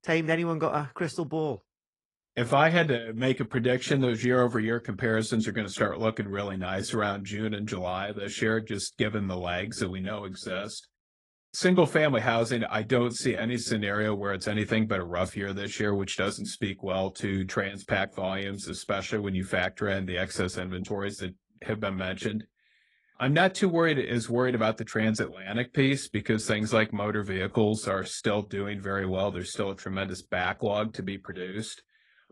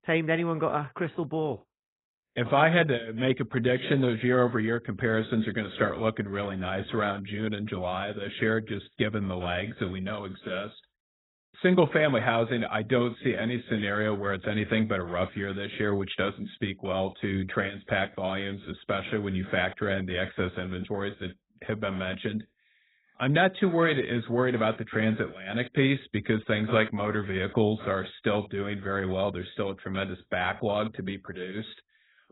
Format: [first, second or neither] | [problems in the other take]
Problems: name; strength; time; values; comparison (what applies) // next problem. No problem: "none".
first | garbled, watery; badly; nothing above 4 kHz; slightly in the first